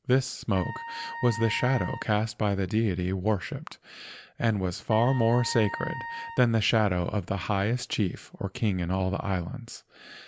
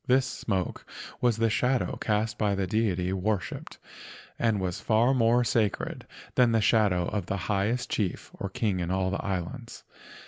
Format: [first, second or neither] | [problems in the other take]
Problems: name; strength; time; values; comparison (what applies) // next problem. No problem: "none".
second | background sound (Wind instrument, woodwind instrument); 11 dB below the speech